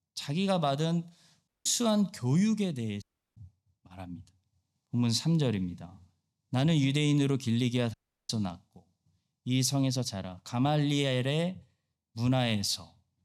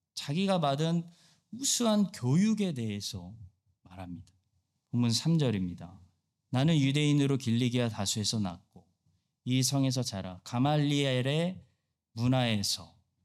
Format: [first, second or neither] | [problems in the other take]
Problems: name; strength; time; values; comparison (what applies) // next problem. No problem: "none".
second | audio cutting out; at 1.5 s, at 3 s and at 8 s